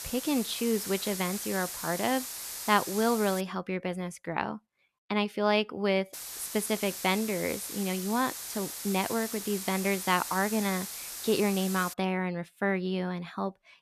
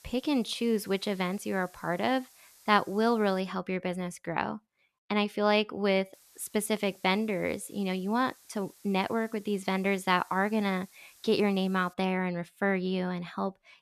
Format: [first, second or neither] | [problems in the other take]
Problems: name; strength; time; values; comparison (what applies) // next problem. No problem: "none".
second | hiss; loud; until 3.5 s and from 6 to 12 s; 6 dB below the speech; faint in the second